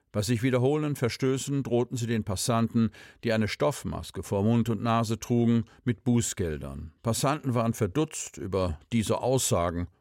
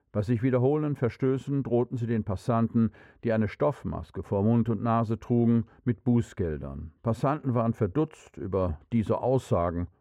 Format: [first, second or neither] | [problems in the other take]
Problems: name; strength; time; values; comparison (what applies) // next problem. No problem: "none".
first | muffled; very; fading above 3 kHz